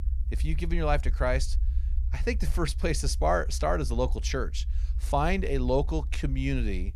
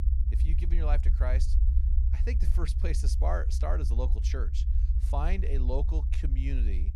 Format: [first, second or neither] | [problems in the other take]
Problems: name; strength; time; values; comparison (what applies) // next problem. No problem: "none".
first | low rumble; loud; throughout; 9 dB below the speech; faint in the first